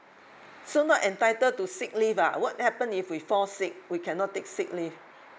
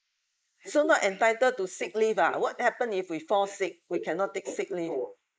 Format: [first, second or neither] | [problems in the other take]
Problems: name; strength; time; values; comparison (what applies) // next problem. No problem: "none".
first | noise reduction (neural mask model Resemble Enhance denoiser)